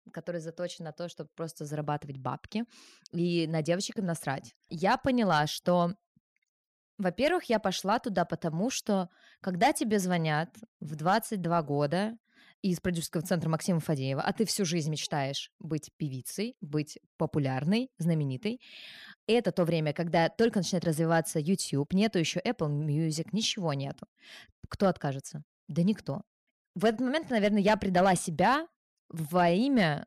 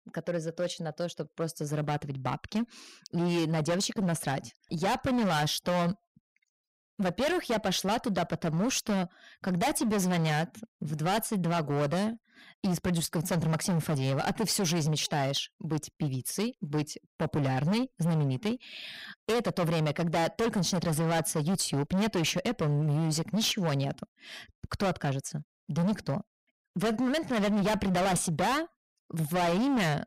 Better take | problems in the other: first | distortion; heavy; 20% of the sound clipped

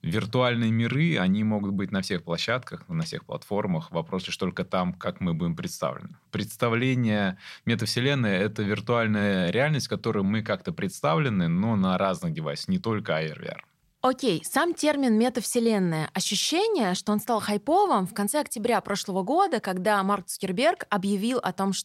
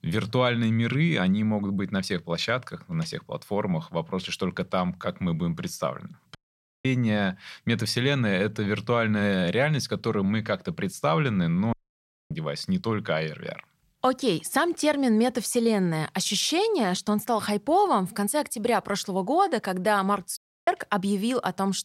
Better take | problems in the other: first | audio cutting out; at 6.5 s for 0.5 s, at 12 s for 0.5 s and at 20 s

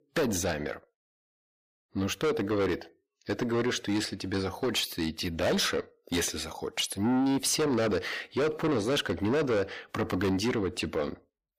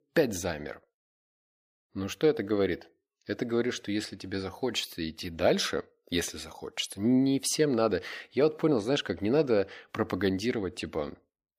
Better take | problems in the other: second | distortion; heavy; 6 dB below the speech

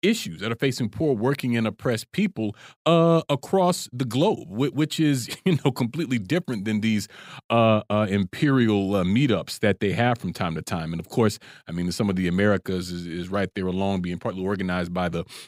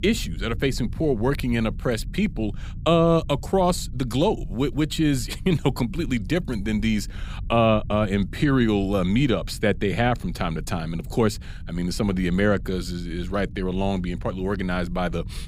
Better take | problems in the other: first | low rumble; faint; throughout; 25 dB below the speech

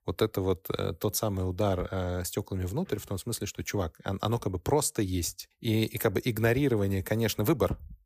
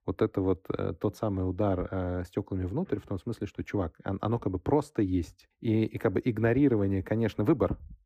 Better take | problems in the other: first | muffled; very; fading above 3.5 kHz

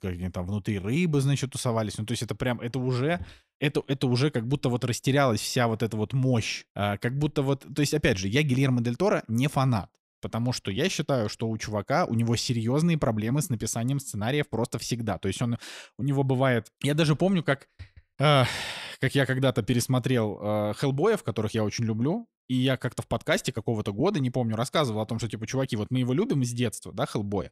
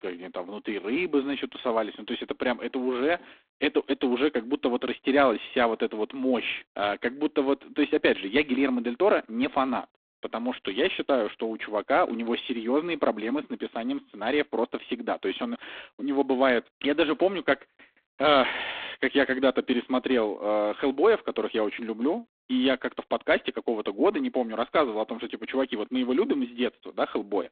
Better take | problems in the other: first | phone-call audio; poor line

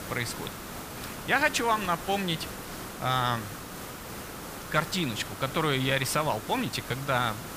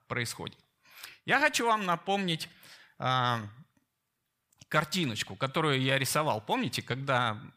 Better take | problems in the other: second | hiss; noticeable; throughout; 10 dB below the speech

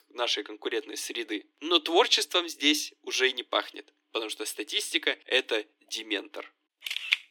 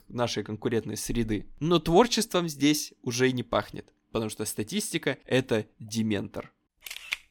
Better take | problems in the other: second | thin; somewhat; fading below 300 Hz

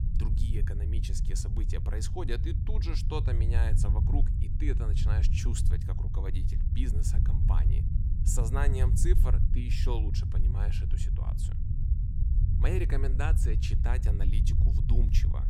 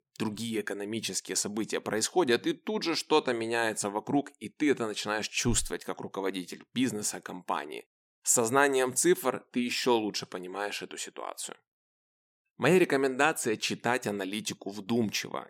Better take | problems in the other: second | low rumble; loud; throughout; 4 dB below the speech

